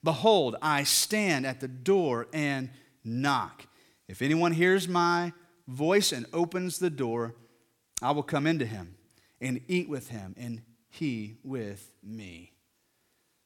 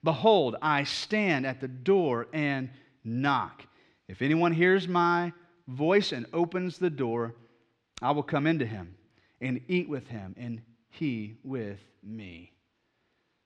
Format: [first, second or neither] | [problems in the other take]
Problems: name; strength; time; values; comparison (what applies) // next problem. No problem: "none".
first | muffled; slightly; fading above 3.5 kHz